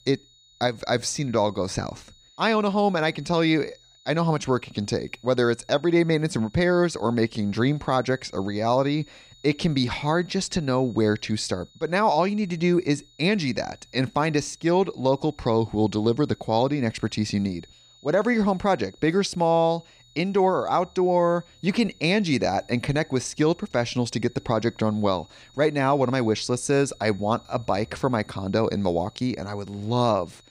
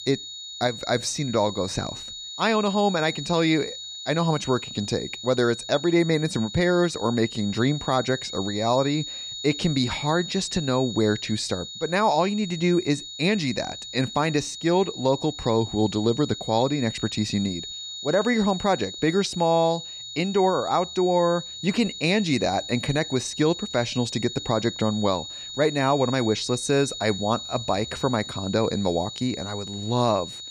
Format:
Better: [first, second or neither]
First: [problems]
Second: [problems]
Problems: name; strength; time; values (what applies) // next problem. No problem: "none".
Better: first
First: high-pitched whine; faint; throughout; 4 kHz, 30 dB below the speech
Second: high-pitched whine; loud; throughout; 4 kHz, 9 dB below the speech